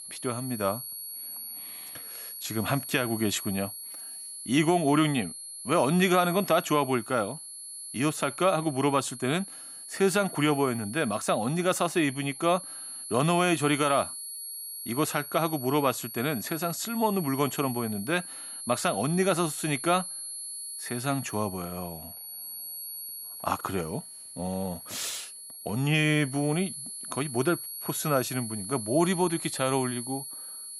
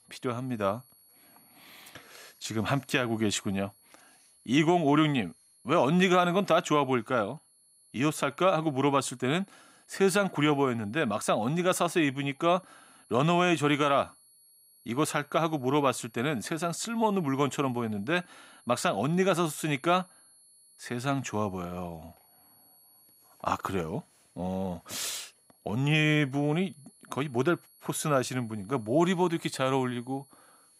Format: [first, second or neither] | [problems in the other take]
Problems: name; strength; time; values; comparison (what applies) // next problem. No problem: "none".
second | high-pitched whine; loud; throughout; 11 kHz, 9 dB below the speech; faint in the second